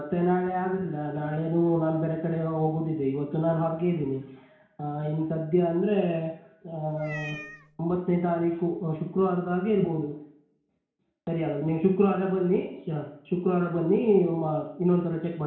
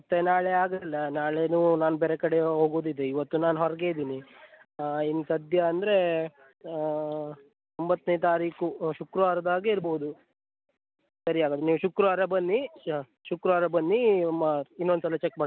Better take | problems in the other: second | background sound (Meow); 14 dB below the speech // room echo; dies away in 0.6 s

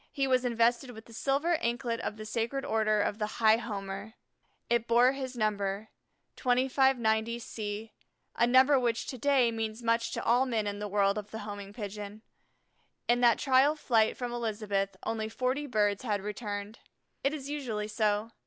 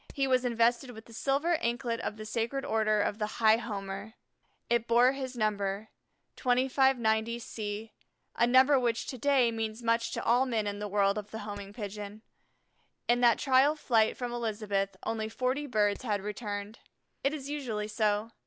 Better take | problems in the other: first | background sound (Hammer); 18 dB below the speech

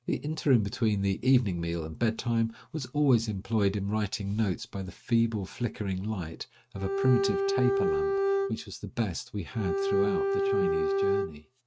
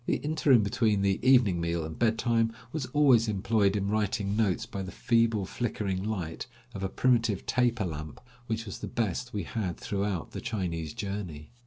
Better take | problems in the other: second | noise reduction (neural mask model RNNoise)

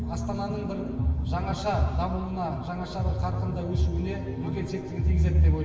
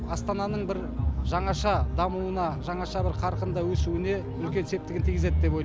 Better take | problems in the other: second | room echo; dies away in 1.5 s

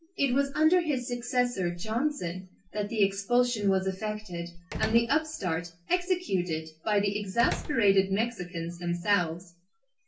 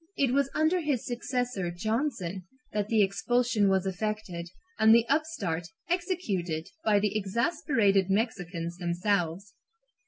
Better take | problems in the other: second | background sound (Slam); 13 dB below the speech // room echo; dies away in 0.2 s

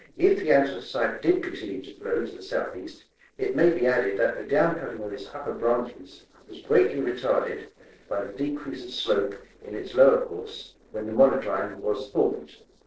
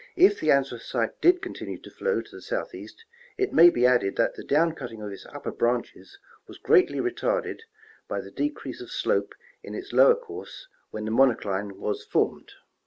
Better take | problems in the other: second | noise reduction (neural separator model SepFormer DNS4)

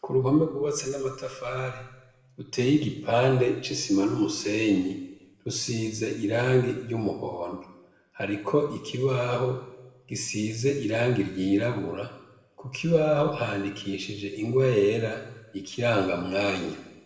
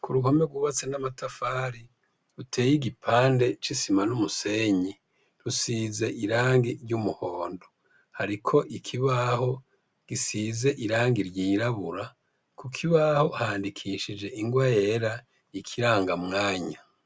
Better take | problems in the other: second | room echo; dies away in 1 s

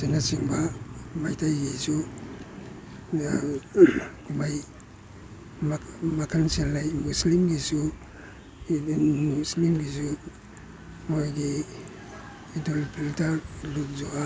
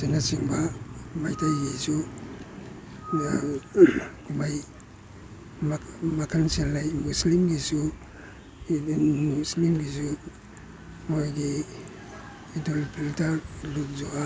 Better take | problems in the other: first | background sound (Screech / Glass); 14 dB below the speech

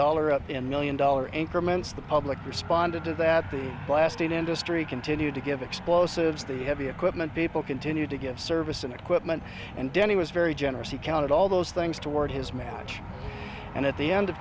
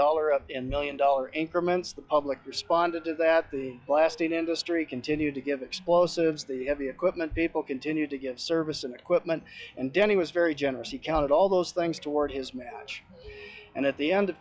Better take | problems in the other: first | noise reduction (classical method log-MMSE)

